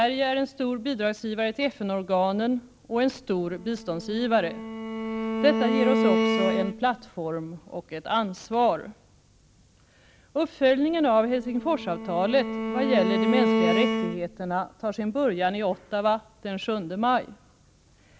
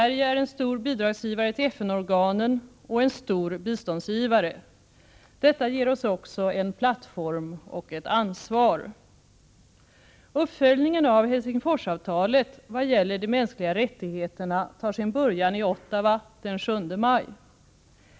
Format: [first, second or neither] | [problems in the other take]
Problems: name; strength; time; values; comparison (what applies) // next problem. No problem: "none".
second | background sound (Bowed string instrument); 1 dB below the speech